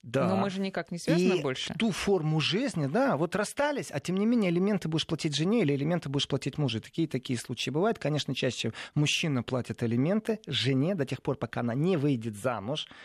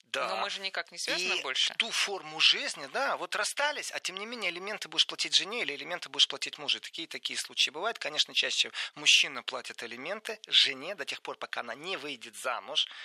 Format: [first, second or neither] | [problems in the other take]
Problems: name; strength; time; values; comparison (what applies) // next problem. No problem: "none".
first | thin; very; fading below 850 Hz